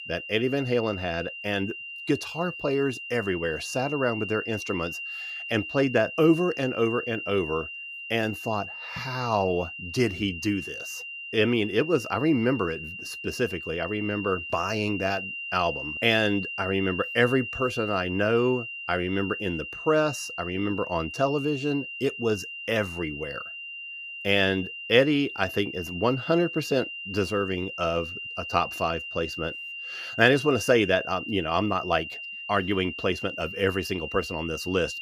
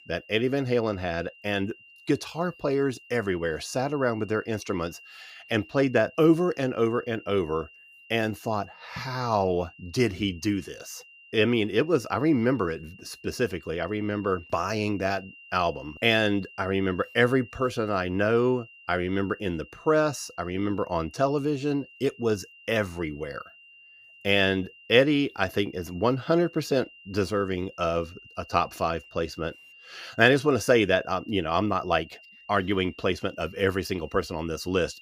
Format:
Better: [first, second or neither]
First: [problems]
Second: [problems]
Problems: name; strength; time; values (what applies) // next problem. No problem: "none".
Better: second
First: high-pitched whine; loud; throughout; 3 kHz, 8 dB below the speech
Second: high-pitched whine; faint; throughout; 3 kHz, 20 dB below the speech